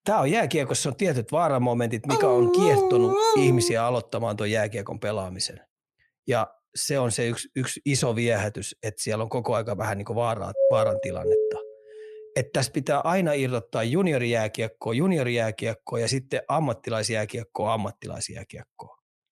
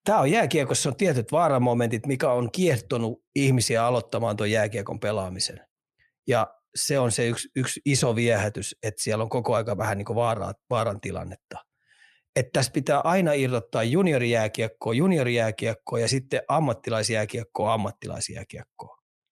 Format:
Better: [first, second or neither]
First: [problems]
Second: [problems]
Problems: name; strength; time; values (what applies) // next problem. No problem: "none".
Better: second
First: dog barking; loud; from 2 to 3.5 s; peak 6 dB above the speech // doorbell; loud; from 11 to 12 s; peak 5 dB above the speech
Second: none